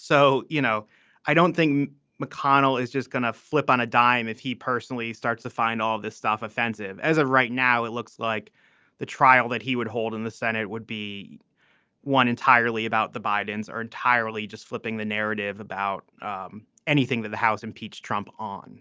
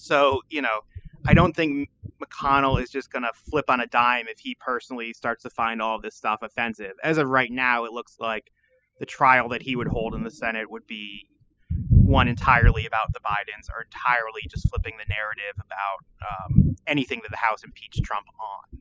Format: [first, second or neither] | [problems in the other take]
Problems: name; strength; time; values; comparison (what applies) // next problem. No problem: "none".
first | noise reduction (classical method spectral subtraction)